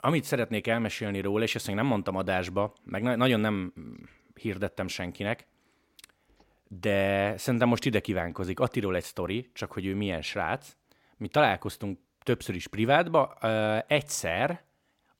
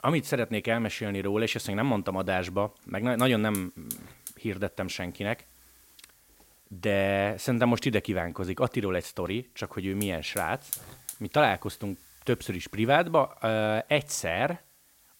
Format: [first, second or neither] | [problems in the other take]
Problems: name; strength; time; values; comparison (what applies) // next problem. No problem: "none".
first | hiss; noticeable; throughout; 15 dB below the speech